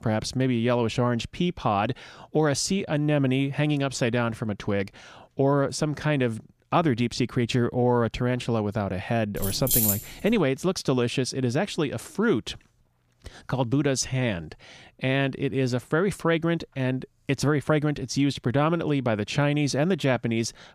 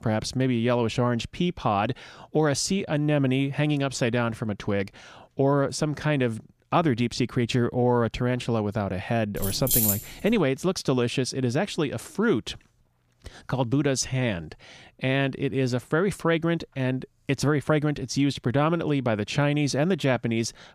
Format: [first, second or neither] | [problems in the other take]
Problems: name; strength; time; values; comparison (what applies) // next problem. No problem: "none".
neither | jangling keys; loud; at 9.5 s; peak 4 dB above the speech; the same in both